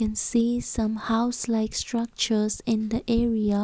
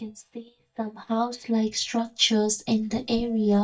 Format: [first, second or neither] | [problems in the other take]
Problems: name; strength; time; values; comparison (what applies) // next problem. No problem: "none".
first | noise reduction (neural mask model DeepFilterNet 3)